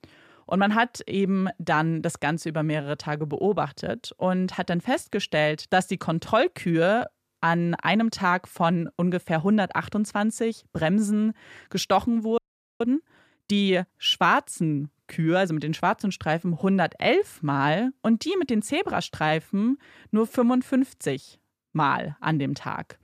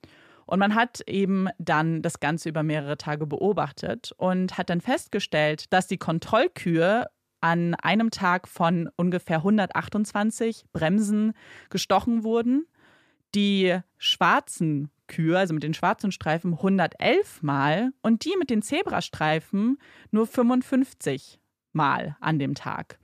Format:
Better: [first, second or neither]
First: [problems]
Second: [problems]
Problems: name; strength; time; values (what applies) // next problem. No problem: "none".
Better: second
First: audio freezing; at 12 s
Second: none